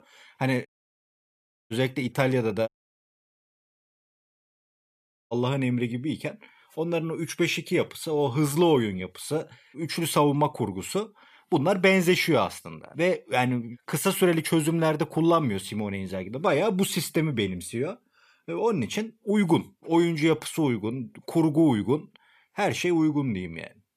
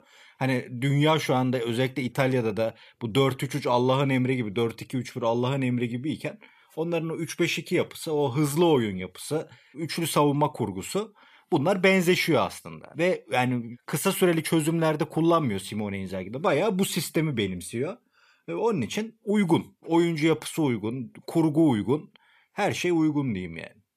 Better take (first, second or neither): second